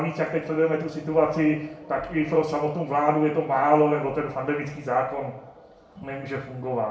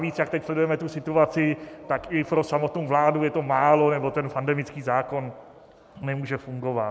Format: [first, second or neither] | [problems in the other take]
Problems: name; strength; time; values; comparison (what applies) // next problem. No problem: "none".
second | room echo; dies away in 0.5 s